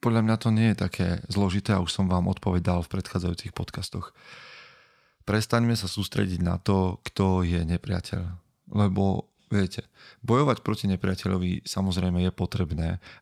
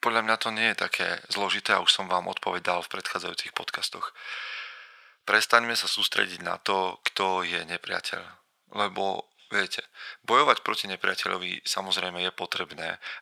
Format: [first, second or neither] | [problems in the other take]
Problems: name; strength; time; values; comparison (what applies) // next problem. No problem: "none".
first | thin; very; fading below 700 Hz